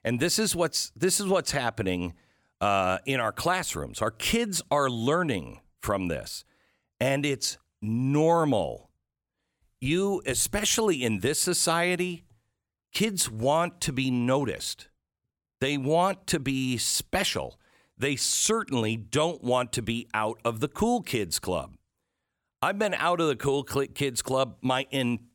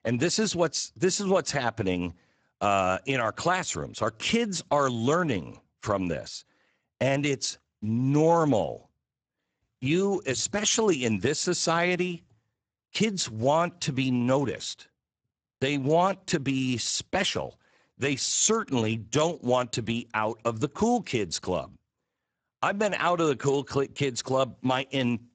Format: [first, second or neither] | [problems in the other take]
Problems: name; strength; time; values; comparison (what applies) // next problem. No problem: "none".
first | garbled, watery; badly; nothing above 7.5 kHz